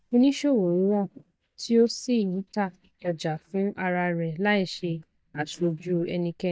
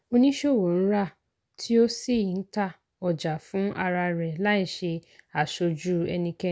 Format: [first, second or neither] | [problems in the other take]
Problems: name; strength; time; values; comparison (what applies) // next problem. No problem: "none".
second | noise reduction (neural mask model DeepFilterNet 3)